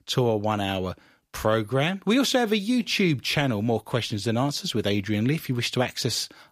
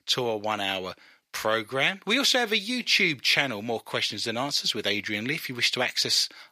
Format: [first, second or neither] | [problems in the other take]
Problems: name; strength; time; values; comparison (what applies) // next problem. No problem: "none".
first | thin; somewhat; fading below 1 kHz